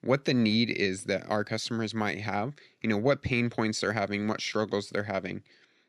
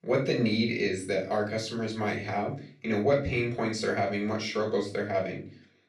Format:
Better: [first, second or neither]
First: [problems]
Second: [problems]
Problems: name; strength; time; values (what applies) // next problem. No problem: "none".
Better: first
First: none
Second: off-mic speech; far // room echo; slight; dies away in 0.3 s